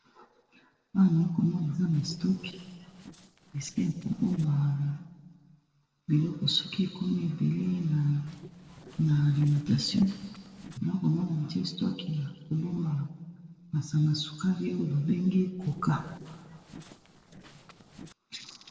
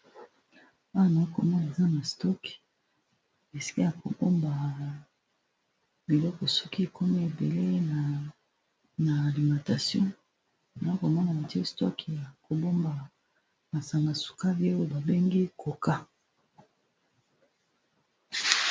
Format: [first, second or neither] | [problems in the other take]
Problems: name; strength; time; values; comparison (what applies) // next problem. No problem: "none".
second | noise reduction (neural separator model SepFormer DNS4)